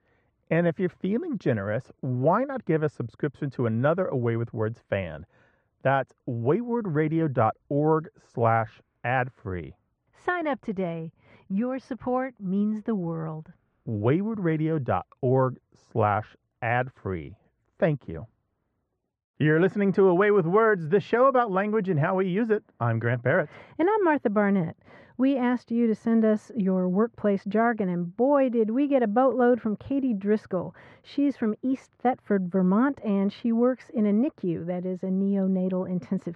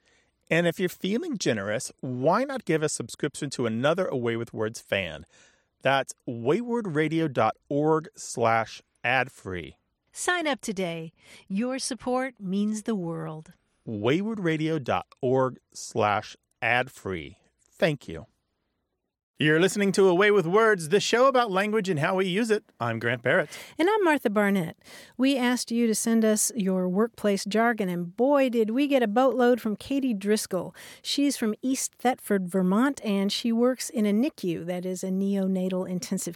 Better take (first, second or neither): second